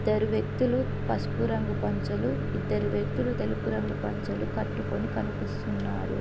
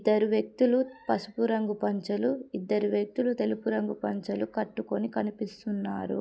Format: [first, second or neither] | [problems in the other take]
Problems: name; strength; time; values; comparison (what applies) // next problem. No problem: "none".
second | background sound (Microwave oven); as loud as the speech